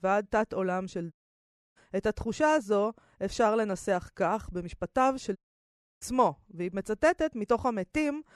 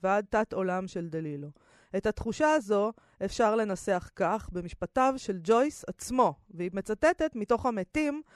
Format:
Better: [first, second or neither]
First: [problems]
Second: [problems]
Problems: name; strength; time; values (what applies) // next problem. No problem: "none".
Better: second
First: audio cutting out; at 1 s for 0.5 s and at 5.5 s for 0.5 s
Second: none